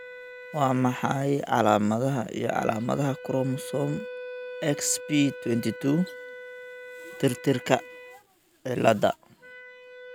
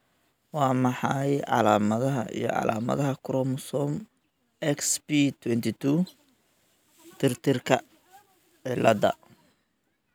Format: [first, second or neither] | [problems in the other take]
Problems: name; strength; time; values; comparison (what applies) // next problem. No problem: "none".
second | background sound (Wind instrument, woodwind instrument); 15 dB below the speech